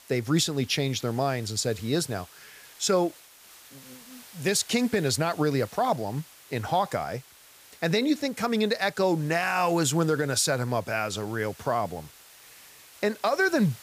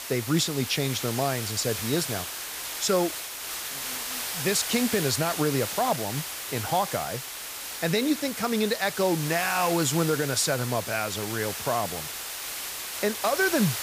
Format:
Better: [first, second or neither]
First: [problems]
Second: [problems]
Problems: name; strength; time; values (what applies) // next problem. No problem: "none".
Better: first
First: hiss; faint; throughout; 20 dB below the speech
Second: hiss; loud; throughout; 5 dB below the speech